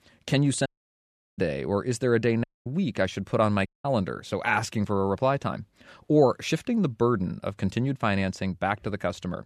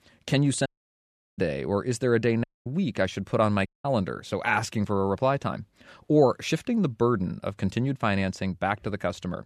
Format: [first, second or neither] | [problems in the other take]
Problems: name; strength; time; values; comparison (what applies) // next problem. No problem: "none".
neither | audio cutting out; at 0.5 s for 0.5 s, at 2.5 s and at 3.5 s; the same in both